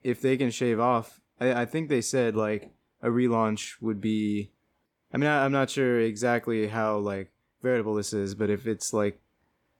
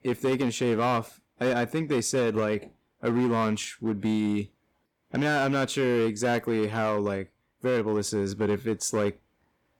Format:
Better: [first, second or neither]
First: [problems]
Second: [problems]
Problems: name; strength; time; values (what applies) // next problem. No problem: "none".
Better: first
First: none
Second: distortion; slight; 10% of the sound clipped